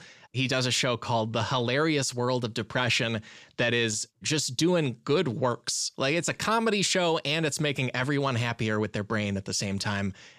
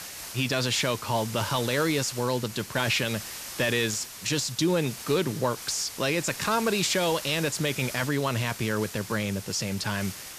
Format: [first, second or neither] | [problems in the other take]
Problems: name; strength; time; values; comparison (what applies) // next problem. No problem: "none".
first | hiss; noticeable; throughout; 10 dB below the speech